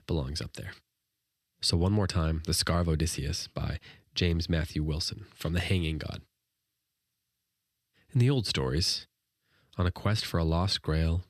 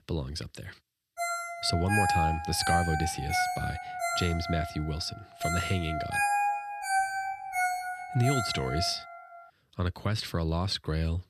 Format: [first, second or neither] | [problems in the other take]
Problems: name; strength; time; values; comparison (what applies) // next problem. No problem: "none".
first | phone ringing; loud; from 1 to 9 s; peak 5 dB above the speech